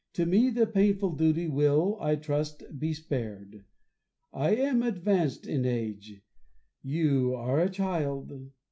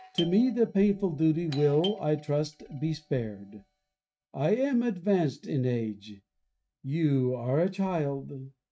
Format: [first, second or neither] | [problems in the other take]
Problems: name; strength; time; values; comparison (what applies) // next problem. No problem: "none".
first | noise reduction (neural mask model RNNoise)